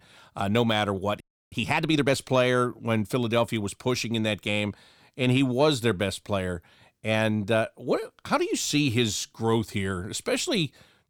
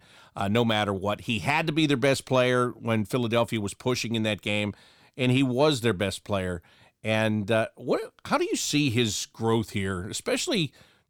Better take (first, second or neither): second